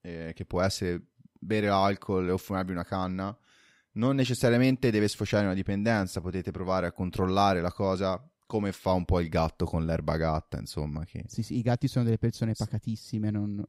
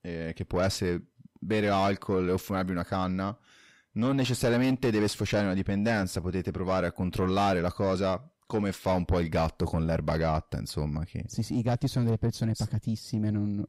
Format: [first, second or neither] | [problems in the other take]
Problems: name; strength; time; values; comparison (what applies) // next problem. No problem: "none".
first | distortion; slight; 10 dB below the speech